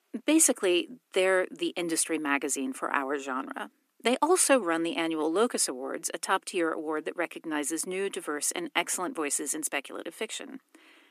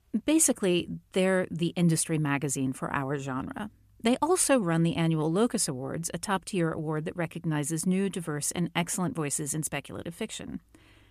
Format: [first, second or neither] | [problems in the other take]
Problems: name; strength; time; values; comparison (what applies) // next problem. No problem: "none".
second | thin; somewhat; fading below 250 Hz